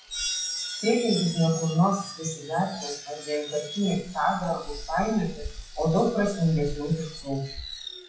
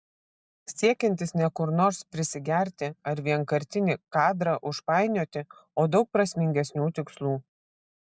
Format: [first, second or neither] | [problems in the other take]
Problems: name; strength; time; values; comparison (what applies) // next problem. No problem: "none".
second | noise reduction (classical method WPE with log-MMSE)